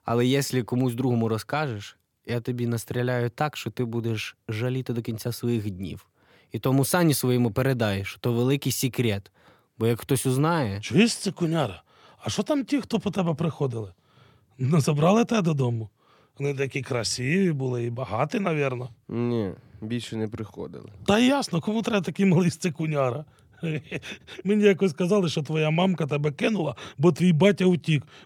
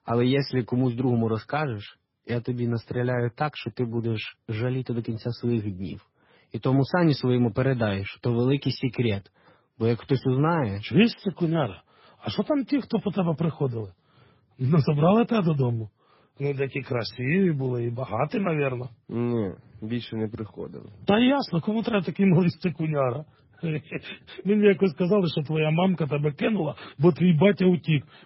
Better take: first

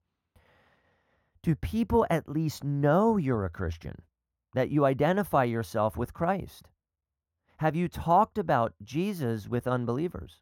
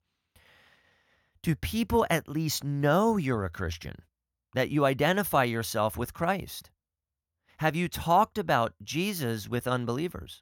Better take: second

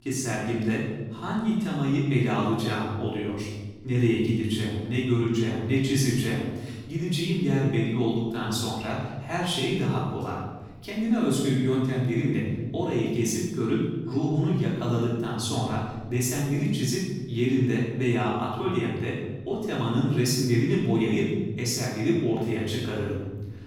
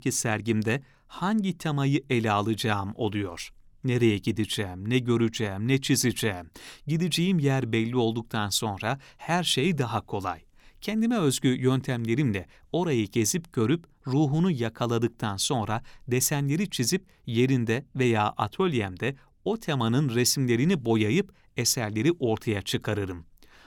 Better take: second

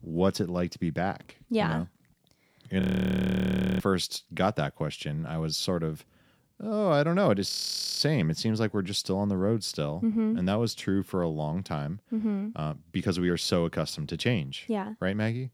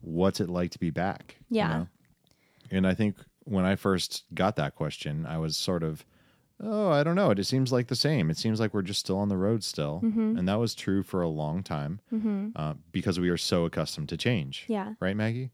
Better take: second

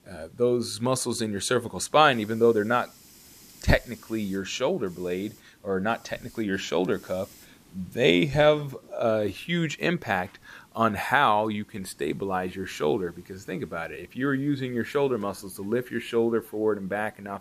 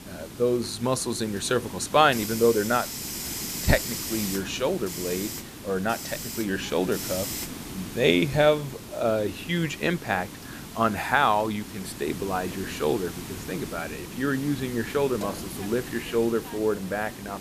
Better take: first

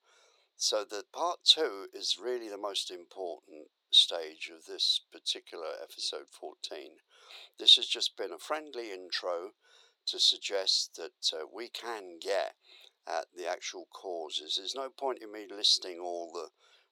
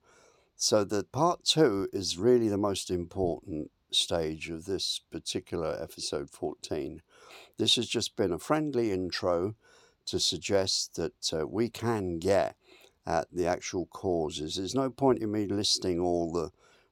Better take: second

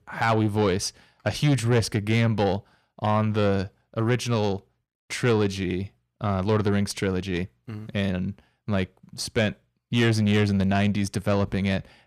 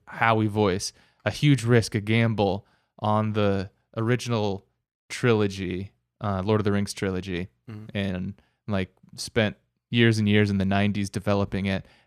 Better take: second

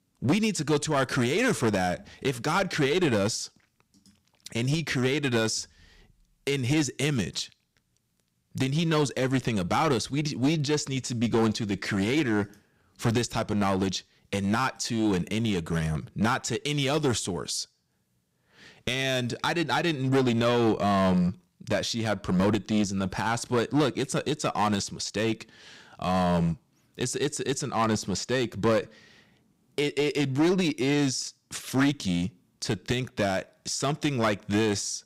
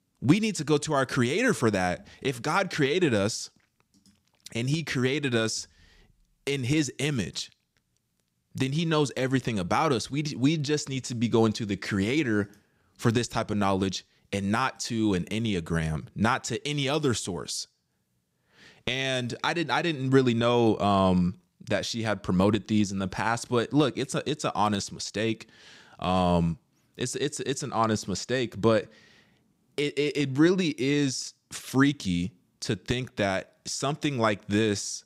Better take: second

